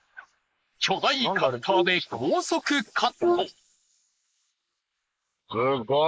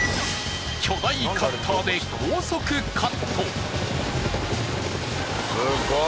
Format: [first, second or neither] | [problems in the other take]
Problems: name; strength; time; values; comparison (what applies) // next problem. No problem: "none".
second | noise reduction (neural mask model Resemble Enhance denoiser)